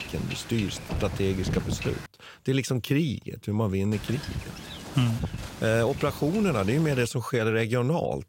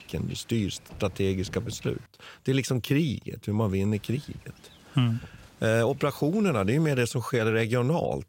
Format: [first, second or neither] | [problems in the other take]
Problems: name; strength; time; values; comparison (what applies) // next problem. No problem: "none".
second | wind noise on the microphone; heavy; until 2 s and from 4 to 7 s; 10 dB below the speech; occasional gusts in the second